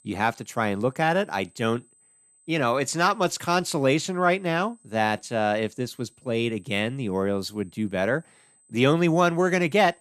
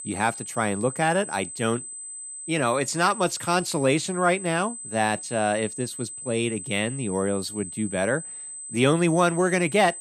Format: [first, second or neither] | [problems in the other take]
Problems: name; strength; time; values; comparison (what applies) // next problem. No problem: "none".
first | high-pitched whine; loud; throughout; 8 kHz, 10 dB below the speech; faint in the first